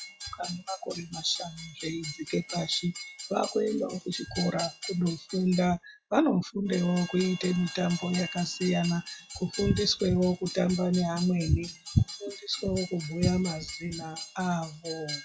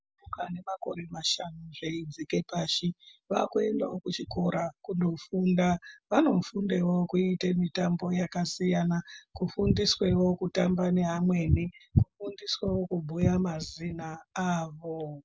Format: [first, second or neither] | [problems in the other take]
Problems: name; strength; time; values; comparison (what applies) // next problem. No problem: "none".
second | noise reduction (classical method log-MMSE)